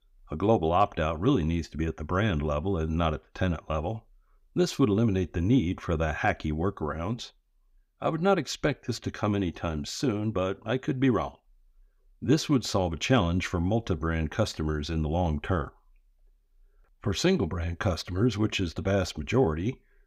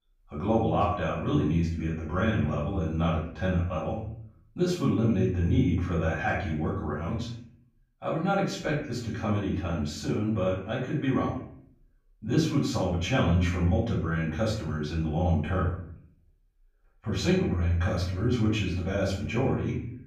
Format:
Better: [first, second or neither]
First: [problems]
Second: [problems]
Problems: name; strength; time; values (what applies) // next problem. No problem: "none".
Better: first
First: none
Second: off-mic speech; far // room echo; noticeable; dies away in 0.6 s